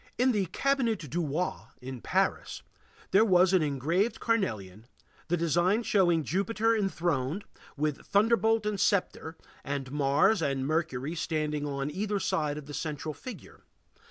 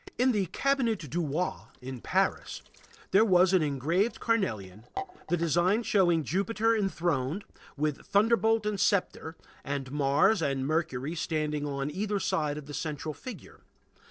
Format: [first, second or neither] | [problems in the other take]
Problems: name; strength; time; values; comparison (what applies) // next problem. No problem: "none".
first | noise reduction (neural separator model SepFormer DNS4)